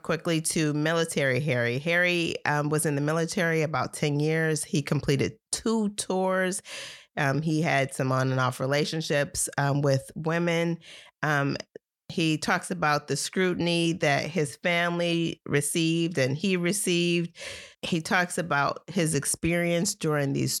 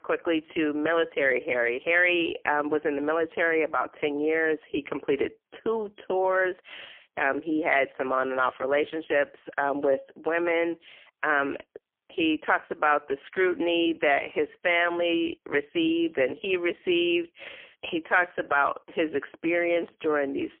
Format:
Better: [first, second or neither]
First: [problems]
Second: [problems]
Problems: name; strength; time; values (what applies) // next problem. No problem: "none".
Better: first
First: none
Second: phone-call audio; poor line; nothing above 3 kHz